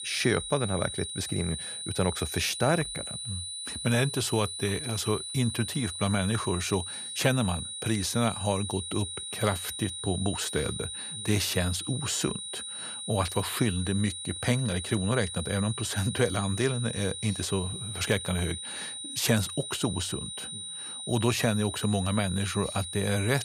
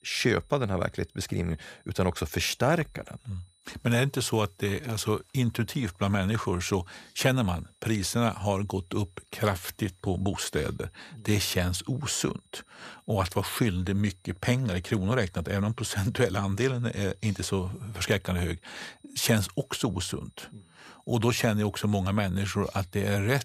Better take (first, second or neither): second